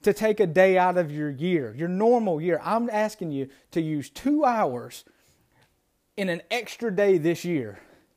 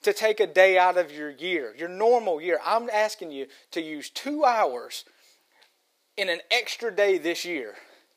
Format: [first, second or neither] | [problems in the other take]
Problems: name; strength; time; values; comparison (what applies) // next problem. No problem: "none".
first | thin; somewhat; fading below 400 Hz